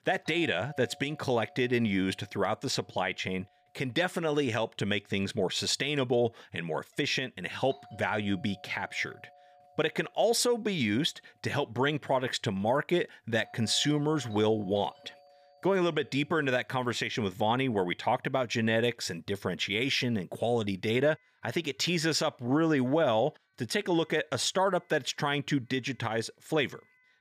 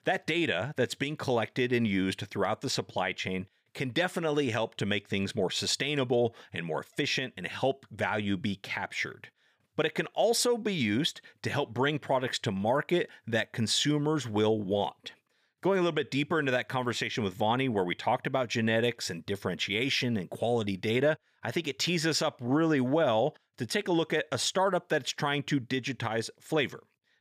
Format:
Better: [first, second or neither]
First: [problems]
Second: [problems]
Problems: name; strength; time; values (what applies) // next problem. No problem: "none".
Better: second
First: alarms or sirens; faint; throughout; 25 dB below the speech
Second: none